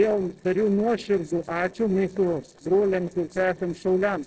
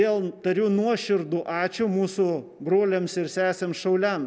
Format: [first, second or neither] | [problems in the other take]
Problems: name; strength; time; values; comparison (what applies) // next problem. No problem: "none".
second | noise reduction (neural separator model SepFormer DNS4)